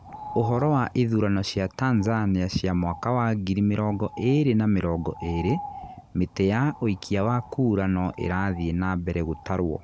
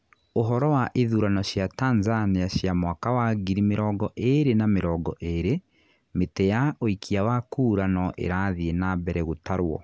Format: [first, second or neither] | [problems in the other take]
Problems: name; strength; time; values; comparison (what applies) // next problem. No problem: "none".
second | background sound (Bird); 18 dB below the speech